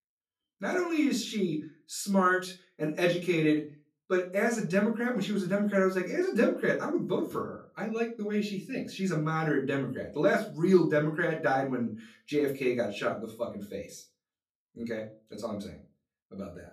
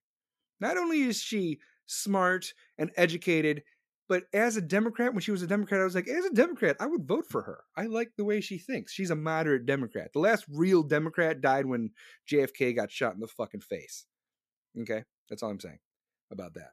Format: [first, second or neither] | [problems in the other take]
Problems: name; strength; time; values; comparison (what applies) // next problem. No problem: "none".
second | off-mic speech; far // room echo; slight; dies away in 0.3 s